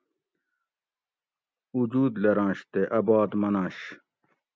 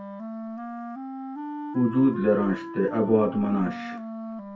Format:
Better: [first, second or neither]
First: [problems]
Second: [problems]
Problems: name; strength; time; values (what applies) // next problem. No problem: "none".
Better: first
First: none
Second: background sound (Wind instrument, woodwind instrument); 9 dB below the speech // room echo; dies away in 0.2 s